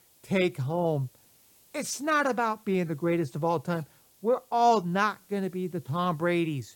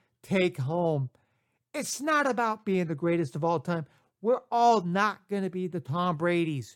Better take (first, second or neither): second